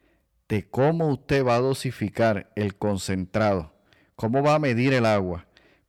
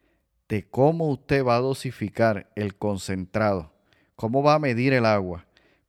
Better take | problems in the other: second | distortion; slight; 10 dB below the speech

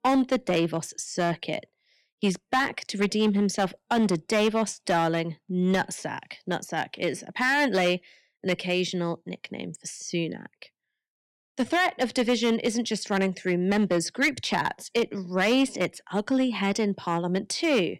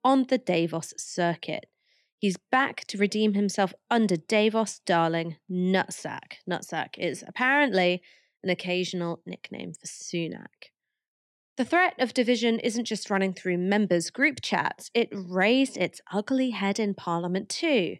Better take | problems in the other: second | distortion; slight; 5% of the sound clipped

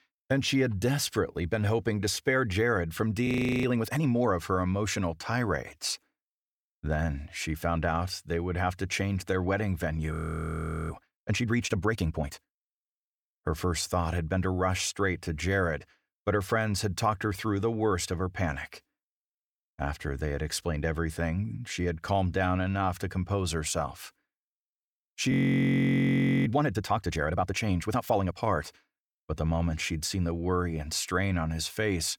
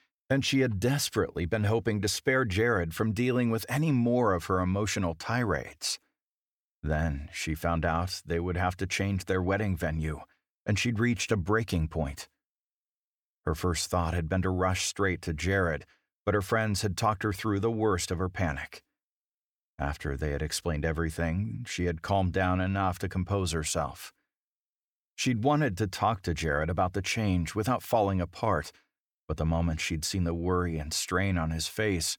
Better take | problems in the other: second | audio freezing; at 3.5 s, at 10 s for 1 s and at 25 s for 1 s

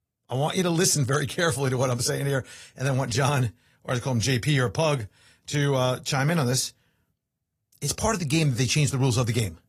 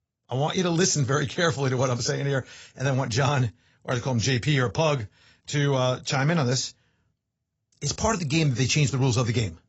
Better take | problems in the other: first | garbled, watery; badly; nothing above 7.5 kHz; slightly in the first

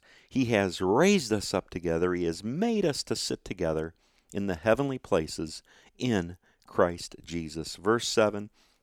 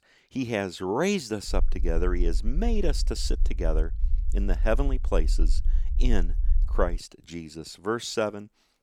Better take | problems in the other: first | low rumble; faint; from 1.5 to 7 s; 20 dB below the speech

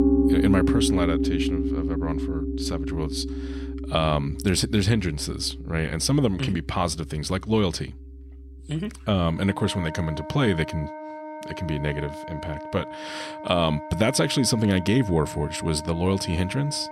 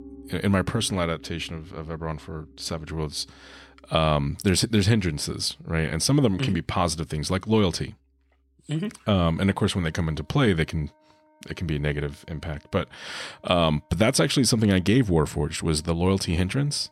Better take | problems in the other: second | background music; loud; throughout; 4 dB below the speech; faint in the second

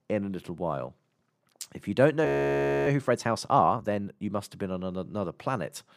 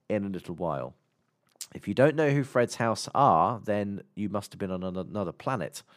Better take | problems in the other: second | audio freezing; at 2.5 s for 0.5 s

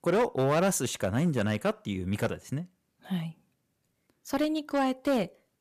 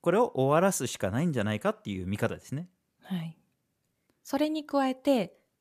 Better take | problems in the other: second | distortion; slight; 5% of the sound clipped

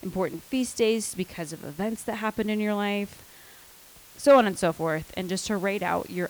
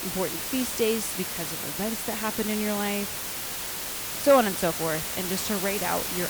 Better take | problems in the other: first | hiss; loud; throughout; 2 dB below the speech; faint in the first

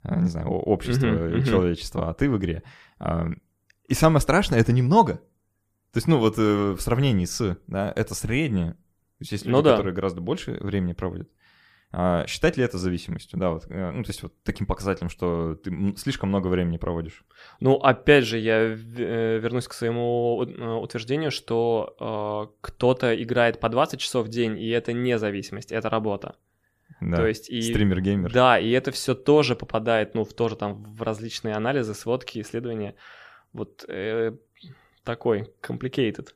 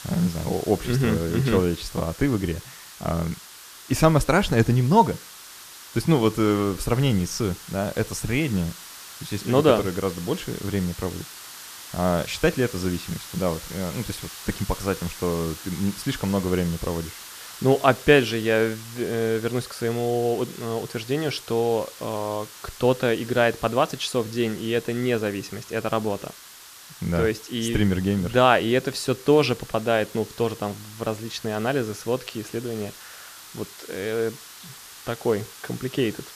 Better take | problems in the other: first | hiss; noticeable; throughout; 15 dB below the speech

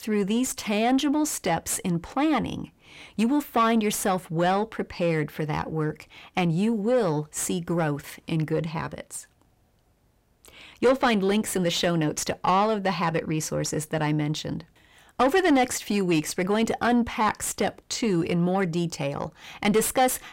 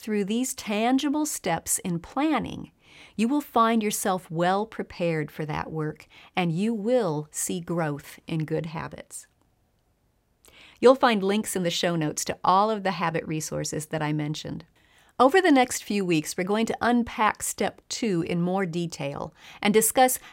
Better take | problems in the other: second | distortion; slight; 10 dB below the speech

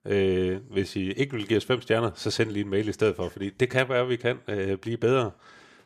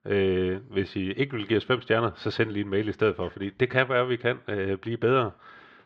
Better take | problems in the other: first | muffled; slightly; fading above 3.5 kHz

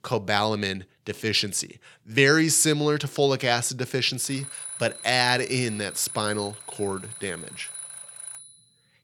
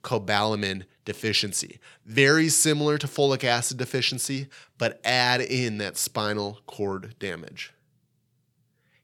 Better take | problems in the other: second | alarm; noticeable; from 4.5 s on; peak 10 dB below the speech

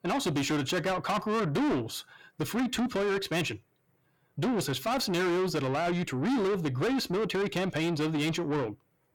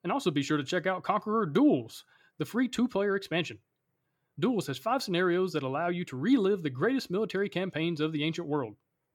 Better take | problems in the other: second | distortion; heavy; 6 dB below the speech

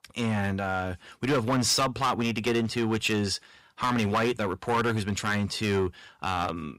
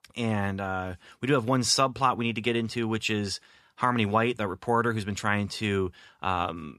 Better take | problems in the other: second | distortion; heavy; 9% of the sound clipped

